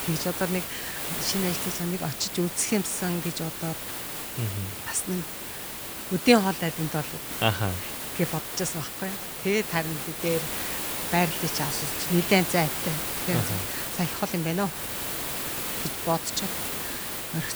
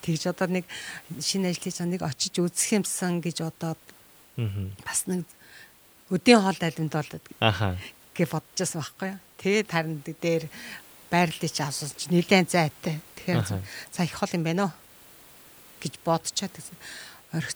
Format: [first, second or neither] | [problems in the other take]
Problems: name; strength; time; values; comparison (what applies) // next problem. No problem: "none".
second | hiss; loud; throughout; 2 dB below the speech; faint in the second